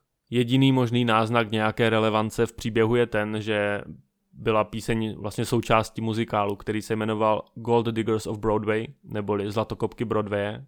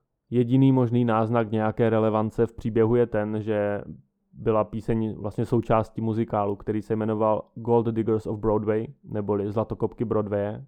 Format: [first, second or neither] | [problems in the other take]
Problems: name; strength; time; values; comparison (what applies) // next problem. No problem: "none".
first | muffled; very; fading above 1.5 kHz